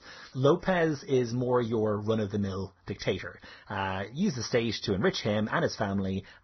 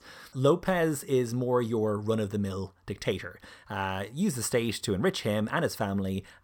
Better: second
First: garbled, watery; badly; nothing above 6 kHz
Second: none

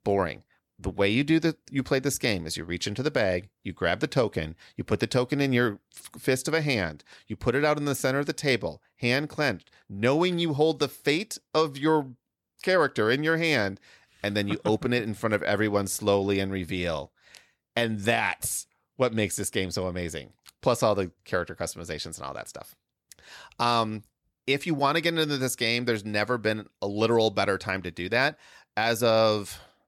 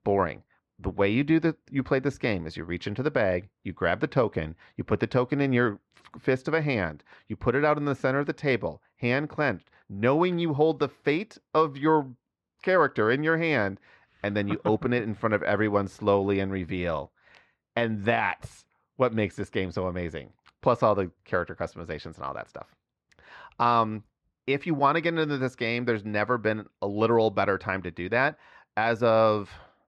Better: first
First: none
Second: muffled; slightly; fading above 2.5 kHz

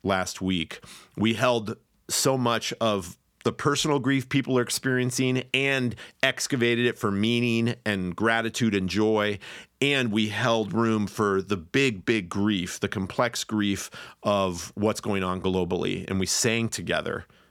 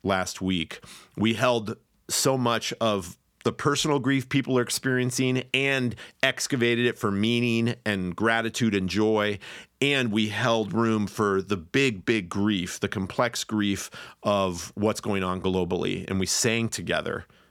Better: neither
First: none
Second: none

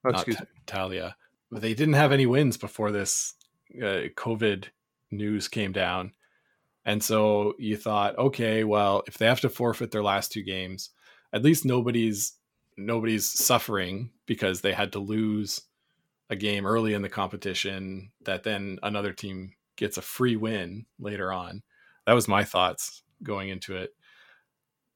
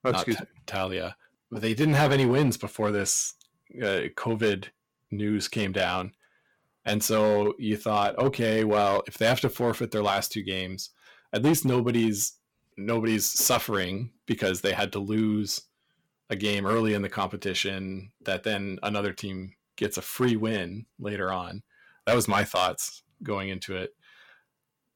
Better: first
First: none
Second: distortion; slight; 3% of the sound clipped

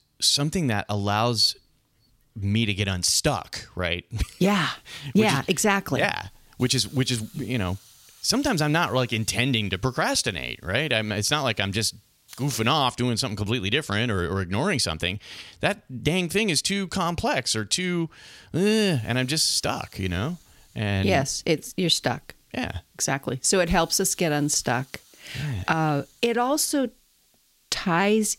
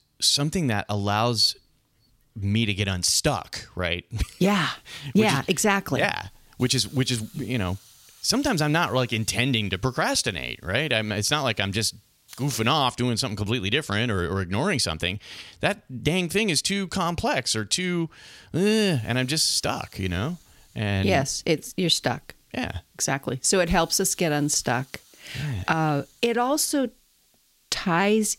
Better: neither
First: hiss; faint; from 4 to 13 s and from 19 s on; 30 dB below the speech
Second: hiss; faint; from 4 to 13 s and from 19 s on; 30 dB below the speech

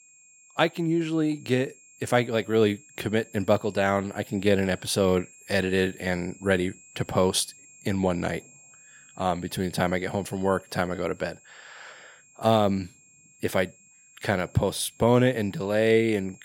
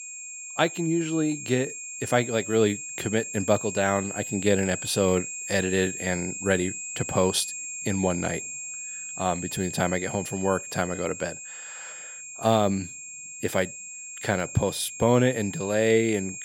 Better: first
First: high-pitched whine; faint; throughout; 7.5 kHz, 25 dB below the speech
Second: high-pitched whine; loud; throughout; 7.5 kHz, 8 dB below the speech

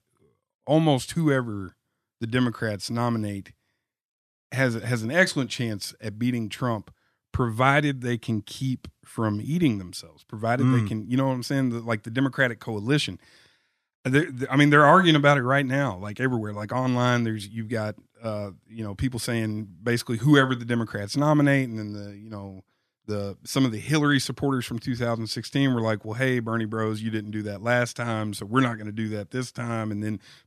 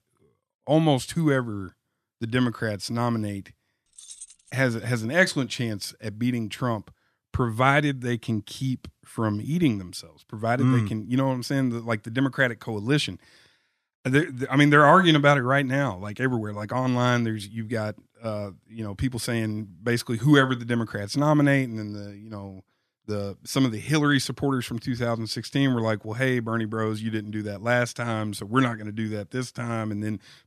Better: first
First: none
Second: jangling keys; faint; at 4 s; peak 15 dB below the speech

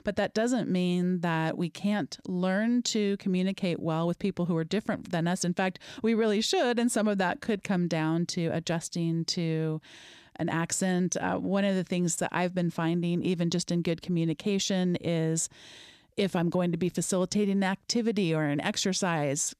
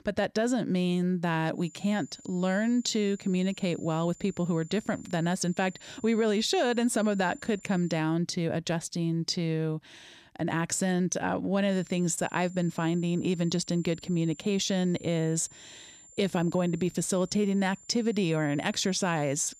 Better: first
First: none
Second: high-pitched whine; faint; from 1.5 to 8 s and from 12 s on; 7 kHz, 20 dB below the speech

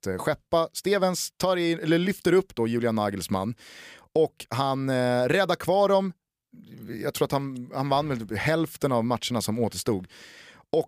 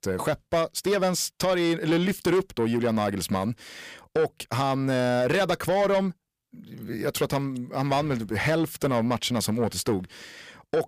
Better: first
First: none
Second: distortion; slight; 10 dB below the speech

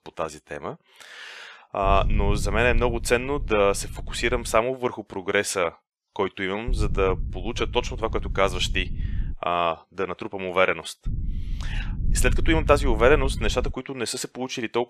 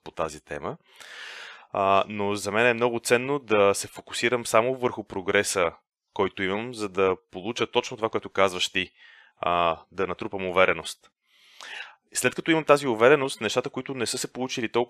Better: second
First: low rumble; faint; from 2 to 4.5 s, from 6.5 to 9.5 s and from 11 to 14 s; 20 dB below the speech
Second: none

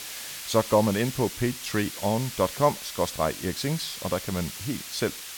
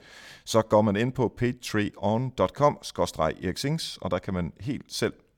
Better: second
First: hiss; loud; throughout; 8 dB below the speech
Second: none

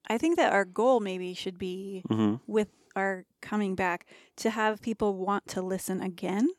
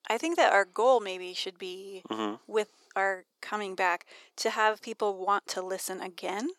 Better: first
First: none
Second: thin; very; fading below 550 Hz

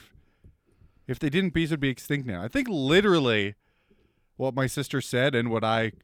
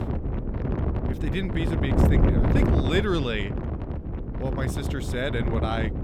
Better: first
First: none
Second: wind noise on the microphone; heavy; 2 dB below the speech

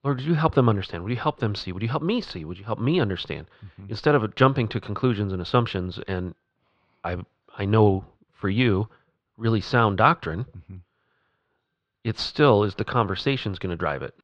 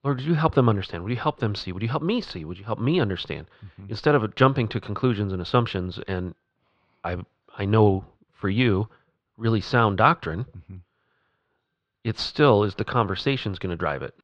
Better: neither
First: muffled; very; fading above 3.5 kHz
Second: muffled; very; fading above 3.5 kHz

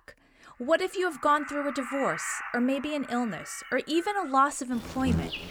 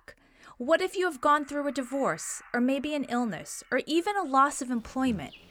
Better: second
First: animal sounds; loud; from 1 s on; 9 dB below the speech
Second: animal sounds; faint; from 1 s on; 25 dB below the speech

